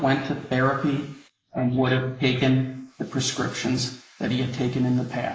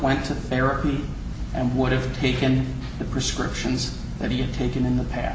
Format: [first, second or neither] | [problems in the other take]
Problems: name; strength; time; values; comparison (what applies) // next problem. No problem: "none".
second | noise reduction (neural mask model Resemble Enhance denoiser)